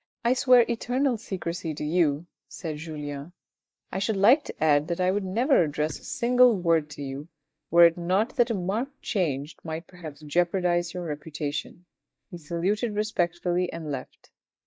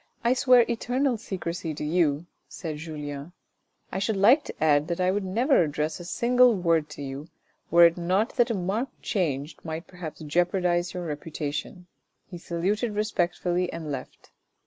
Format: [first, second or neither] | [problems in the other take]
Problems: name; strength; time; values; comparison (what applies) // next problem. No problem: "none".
second | noise reduction (neural mask model DeepFilterNet 3)